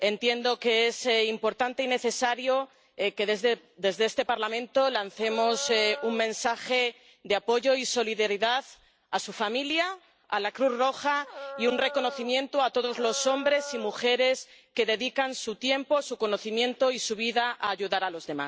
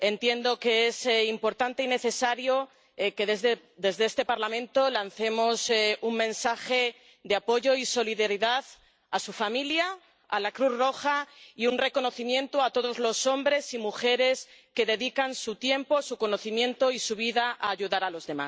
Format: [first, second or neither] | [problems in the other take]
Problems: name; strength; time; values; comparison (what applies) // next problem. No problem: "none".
second | background sound (Dog); 12 dB below the speech